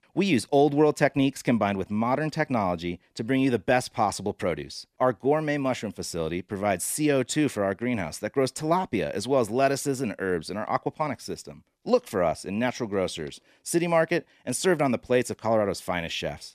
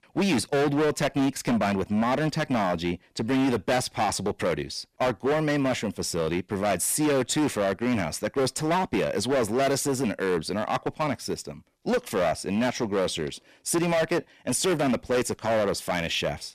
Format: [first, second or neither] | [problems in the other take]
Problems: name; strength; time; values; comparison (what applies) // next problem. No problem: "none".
first | distortion; heavy; 16% of the sound clipped